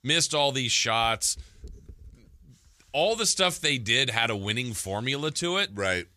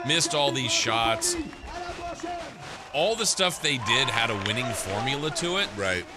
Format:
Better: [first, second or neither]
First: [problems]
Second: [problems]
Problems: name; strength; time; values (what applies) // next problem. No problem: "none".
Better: first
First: none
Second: crowd noise; loud; throughout; 10 dB below the speech